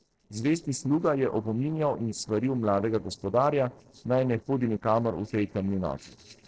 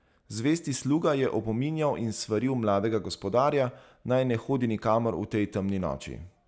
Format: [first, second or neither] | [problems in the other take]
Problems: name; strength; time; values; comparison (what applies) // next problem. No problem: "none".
second | noise reduction (neural separator model SepFormer DNS4)